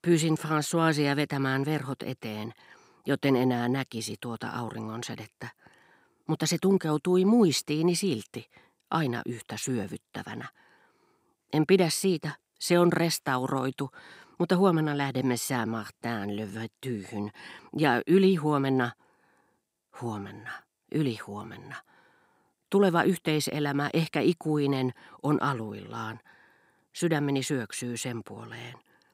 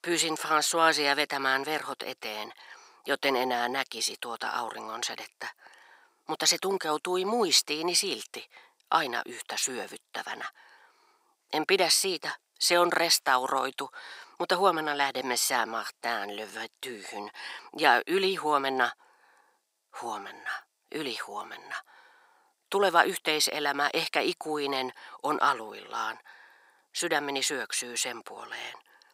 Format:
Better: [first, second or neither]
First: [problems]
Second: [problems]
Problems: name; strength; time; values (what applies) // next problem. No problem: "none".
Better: first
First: none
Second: thin; very; fading below 700 Hz